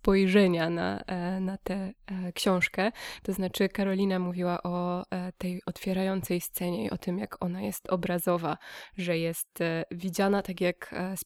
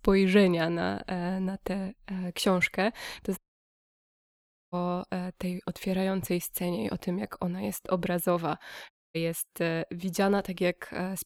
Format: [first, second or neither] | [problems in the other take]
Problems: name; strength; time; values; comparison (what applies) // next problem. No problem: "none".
first | audio cutting out; at 3.5 s for 1.5 s and at 9 s